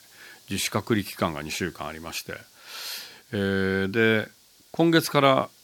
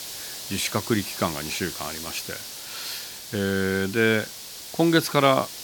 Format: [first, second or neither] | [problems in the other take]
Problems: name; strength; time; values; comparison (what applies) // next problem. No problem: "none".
first | hiss; loud; throughout; 9 dB below the speech; faint in the first